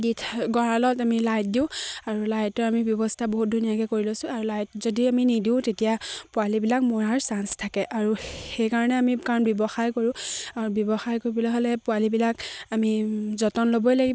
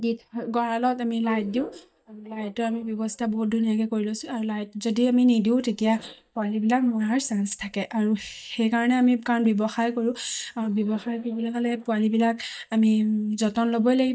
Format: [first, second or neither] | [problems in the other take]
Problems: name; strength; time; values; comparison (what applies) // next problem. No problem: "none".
first | noise reduction (neural mask model DeepFilterNet 3)